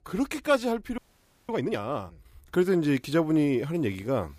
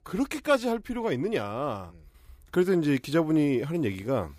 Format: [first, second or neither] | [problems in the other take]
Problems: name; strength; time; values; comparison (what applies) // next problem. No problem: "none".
second | audio freezing; at 1 s for 0.5 s